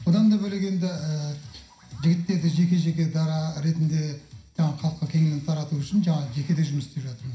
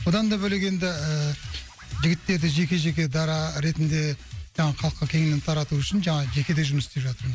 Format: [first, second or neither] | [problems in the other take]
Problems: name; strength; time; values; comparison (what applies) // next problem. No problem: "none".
second | room echo; dies away in 0.5 s